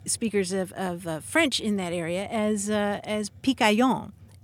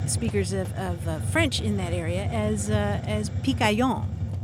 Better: first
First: hiss; faint; throughout; 25 dB below the speech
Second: hiss; loud; throughout; 3 dB below the speech

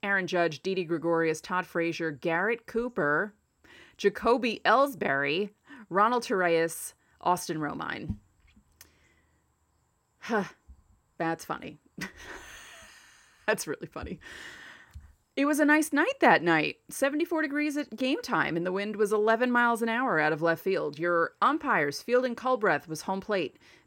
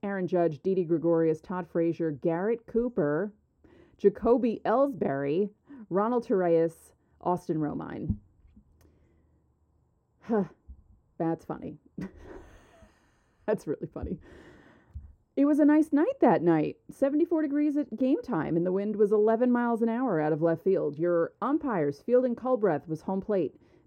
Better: first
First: none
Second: muffled; very; fading above 1 kHz

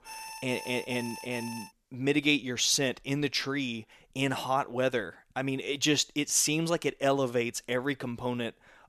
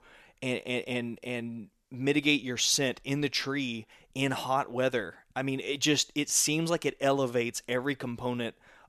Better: second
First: alarm; faint; until 1.5 s; peak 10 dB below the speech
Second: none

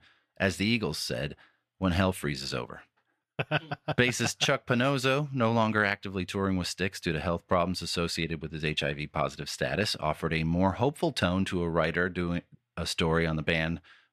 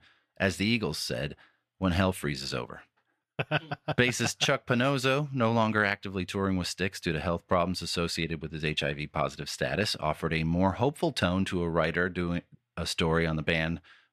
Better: neither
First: none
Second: none

